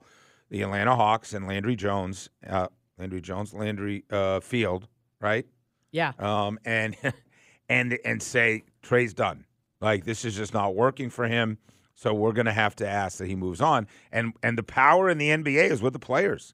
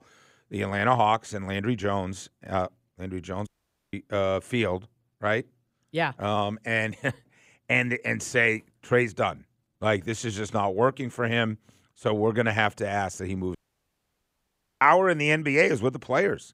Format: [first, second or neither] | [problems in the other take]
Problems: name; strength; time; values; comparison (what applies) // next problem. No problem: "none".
first | audio cutting out; at 3.5 s and at 14 s for 1.5 s